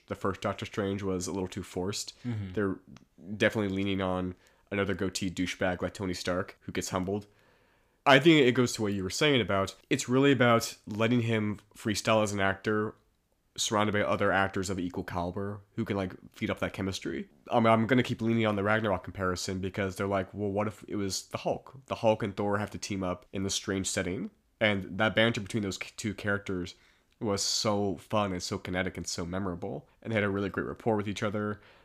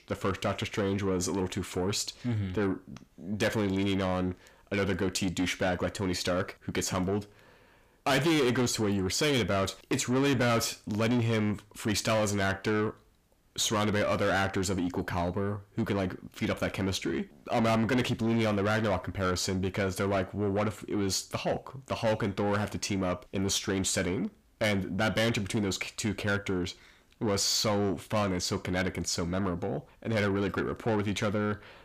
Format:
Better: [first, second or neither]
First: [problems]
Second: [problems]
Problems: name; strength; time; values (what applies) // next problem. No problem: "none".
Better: first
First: none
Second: distortion; heavy; 7 dB below the speech